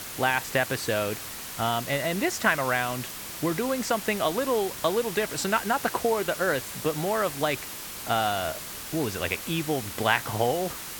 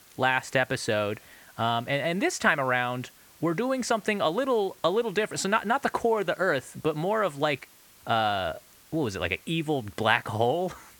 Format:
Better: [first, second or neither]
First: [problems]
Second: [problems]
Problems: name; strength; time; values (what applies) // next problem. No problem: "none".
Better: second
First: hiss; loud; throughout; 8 dB below the speech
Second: hiss; faint; throughout; 25 dB below the speech